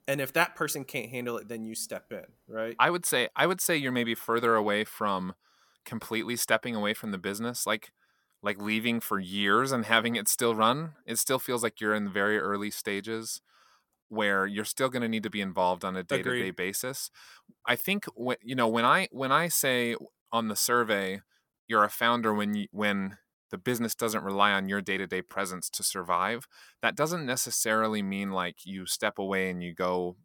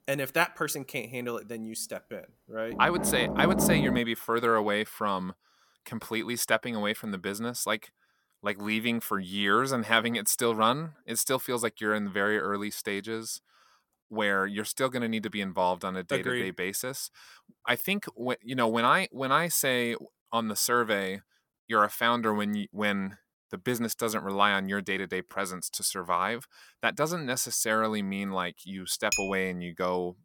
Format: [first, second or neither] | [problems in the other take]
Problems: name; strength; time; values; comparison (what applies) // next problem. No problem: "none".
first | door banging; loud; from 2.5 to 4 s; peak 3 dB above the speech // clattering dishes; noticeable; at 29 s; peak 1 dB below the speech